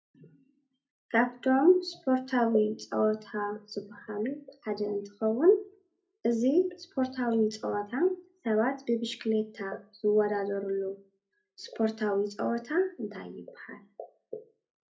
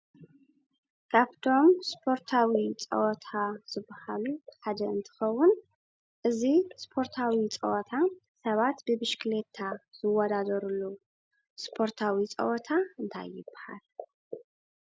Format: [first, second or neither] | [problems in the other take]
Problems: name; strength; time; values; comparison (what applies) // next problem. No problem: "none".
second | room echo; dies away in 0.3 s